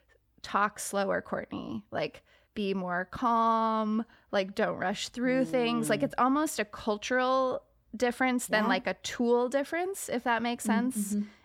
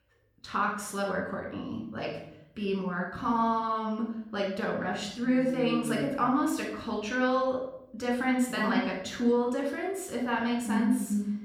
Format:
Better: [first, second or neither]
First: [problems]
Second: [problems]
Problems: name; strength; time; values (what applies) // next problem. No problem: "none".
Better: first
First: none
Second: off-mic speech; somewhat distant // room echo; noticeable; dies away in 0.7 s